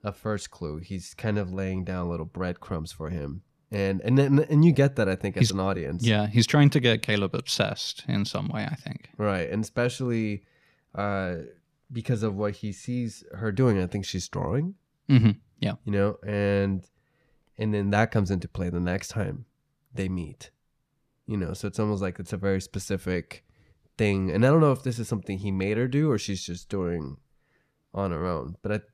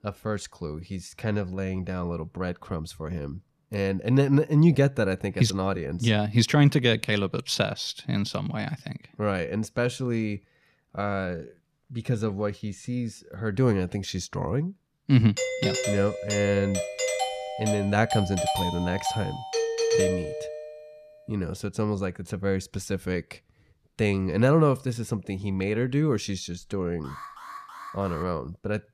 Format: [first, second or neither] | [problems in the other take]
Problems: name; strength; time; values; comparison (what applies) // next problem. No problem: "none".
first | doorbell; loud; from 15 to 21 s; peak 3 dB above the speech // alarm; faint; from 27 to 28 s; peak 15 dB below the speech